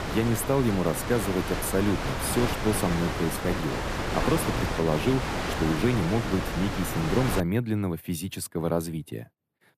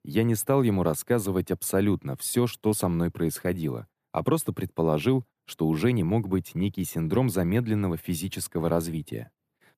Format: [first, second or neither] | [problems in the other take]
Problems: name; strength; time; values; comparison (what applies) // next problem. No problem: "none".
second | wind noise on the microphone; heavy; until 7.5 s; as loud as the speech